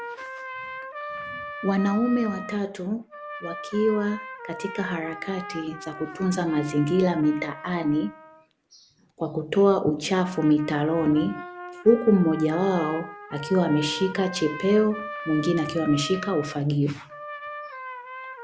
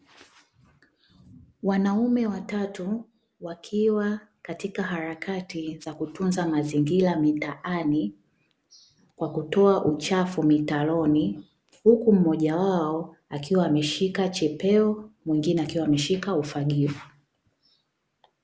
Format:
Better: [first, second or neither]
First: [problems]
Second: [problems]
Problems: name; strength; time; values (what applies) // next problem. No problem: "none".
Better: second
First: background sound (Trumpet); 13 dB below the speech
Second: none